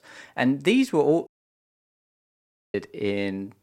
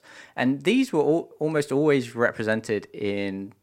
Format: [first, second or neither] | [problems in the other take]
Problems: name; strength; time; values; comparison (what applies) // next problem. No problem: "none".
second | audio cutting out; at 1.5 s for 1.5 s